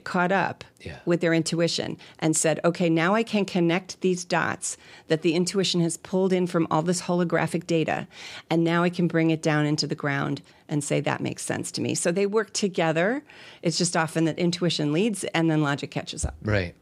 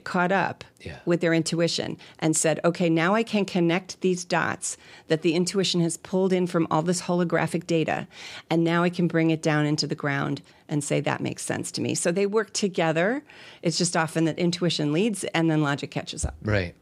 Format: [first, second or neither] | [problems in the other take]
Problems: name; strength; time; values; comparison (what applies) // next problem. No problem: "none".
neither | none